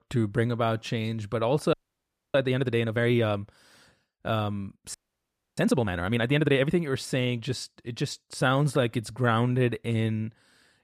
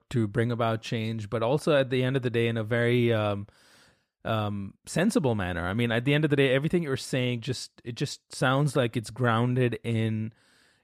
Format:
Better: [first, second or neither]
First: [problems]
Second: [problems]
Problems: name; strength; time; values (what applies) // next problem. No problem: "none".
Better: second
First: audio freezing; at 1.5 s for 0.5 s and at 5 s for 0.5 s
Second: none